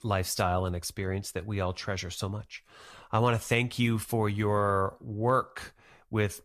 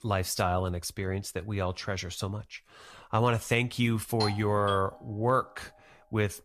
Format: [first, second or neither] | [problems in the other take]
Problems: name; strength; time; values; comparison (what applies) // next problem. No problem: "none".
first | doorbell; noticeable; at 4 s; peak 5 dB below the speech